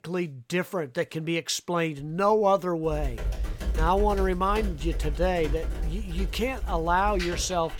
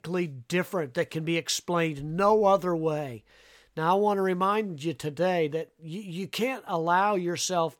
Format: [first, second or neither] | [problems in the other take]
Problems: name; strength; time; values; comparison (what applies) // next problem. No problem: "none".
second | keyboard typing; noticeable; from 3 s on; peak 3 dB below the speech